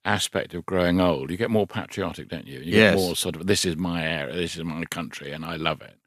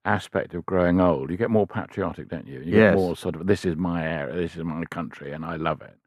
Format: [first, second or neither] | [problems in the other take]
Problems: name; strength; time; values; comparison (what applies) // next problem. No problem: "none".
first | muffled; very; fading above 2 kHz